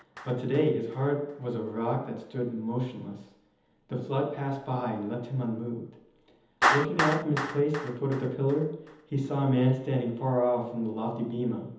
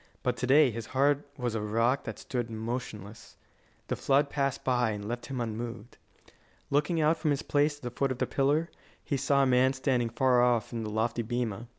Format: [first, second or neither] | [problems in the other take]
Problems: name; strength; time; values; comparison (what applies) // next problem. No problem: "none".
second | background sound (Clapping); 7 dB below the speech // room echo; dies away in 1.3 s